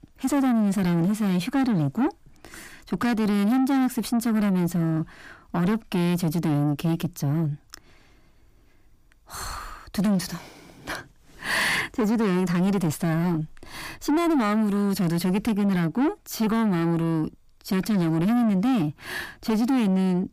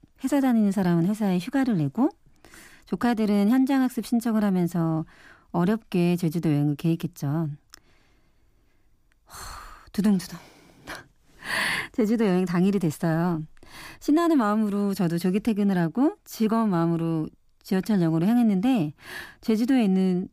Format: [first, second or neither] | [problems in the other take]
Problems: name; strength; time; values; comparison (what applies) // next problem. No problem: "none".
second | distortion; slight; 10 dB below the speech